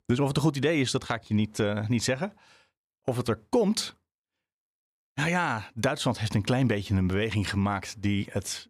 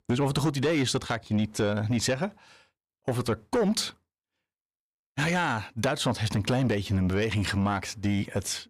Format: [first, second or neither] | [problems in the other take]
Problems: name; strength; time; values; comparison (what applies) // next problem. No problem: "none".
first | distortion; slight; 10 dB below the speech